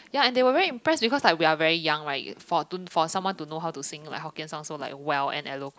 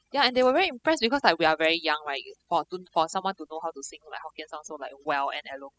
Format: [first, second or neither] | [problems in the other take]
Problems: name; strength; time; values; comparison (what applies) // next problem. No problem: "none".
first | noise reduction (classical method spectral subtraction)